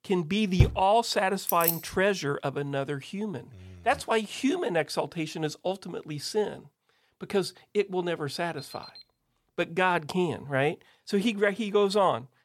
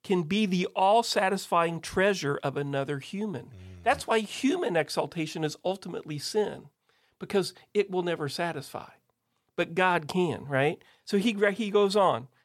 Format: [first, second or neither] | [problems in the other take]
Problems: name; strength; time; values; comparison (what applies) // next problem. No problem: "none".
second | door banging; loud; at 0.5 s; peak 2 dB above the speech // jangling keys; loud; at 1.5 s; peak 1 dB above the speech // alarm; faint; at 8.5 s; peak 20 dB below the speech